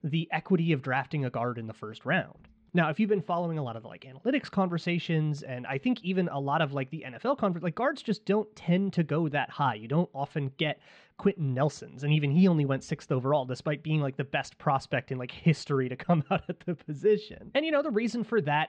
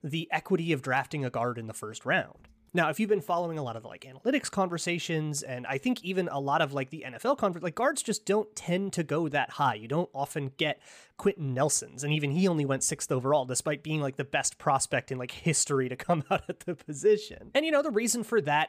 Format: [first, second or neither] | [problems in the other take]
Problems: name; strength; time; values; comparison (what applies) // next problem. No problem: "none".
second | muffled; slightly; fading above 4.5 kHz